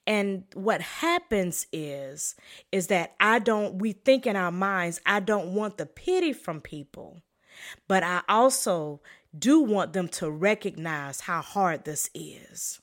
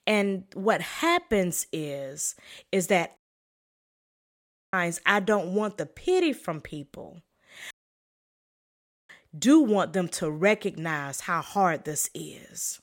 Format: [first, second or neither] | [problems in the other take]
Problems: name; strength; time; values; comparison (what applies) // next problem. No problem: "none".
first | audio cutting out; at 3 s for 1.5 s and at 7.5 s for 1.5 s